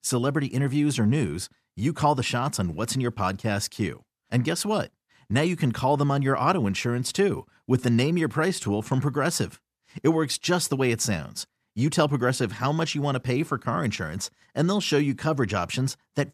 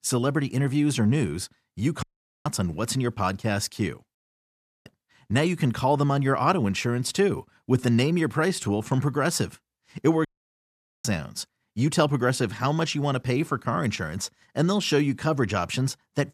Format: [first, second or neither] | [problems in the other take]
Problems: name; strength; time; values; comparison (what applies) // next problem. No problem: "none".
first | audio cutting out; at 2 s, at 4 s for 0.5 s and at 10 s for 1 s